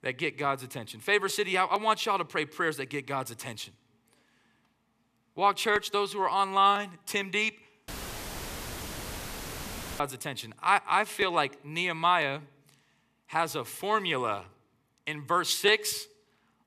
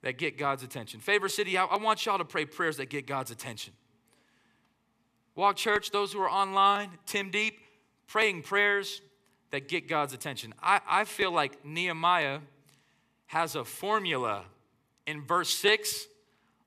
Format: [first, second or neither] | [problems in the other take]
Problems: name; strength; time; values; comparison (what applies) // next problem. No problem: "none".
second | audio cutting out; filled with static; at 8 s for 2 s